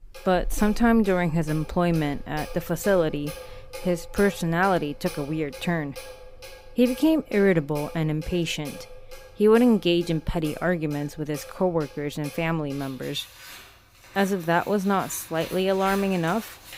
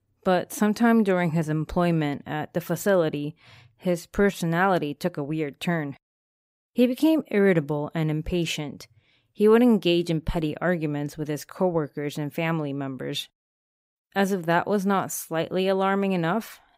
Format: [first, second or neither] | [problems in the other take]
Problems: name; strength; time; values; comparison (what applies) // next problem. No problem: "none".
second | household noises; noticeable; throughout; 15 dB below the speech